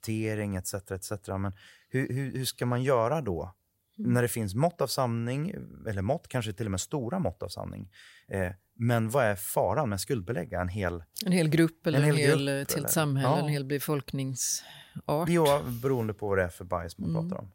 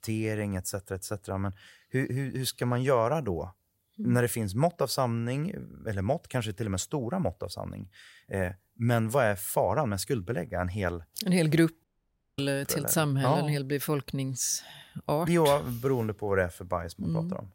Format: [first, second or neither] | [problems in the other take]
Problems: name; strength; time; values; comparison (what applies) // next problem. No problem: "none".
first | audio cutting out; at 12 s for 0.5 s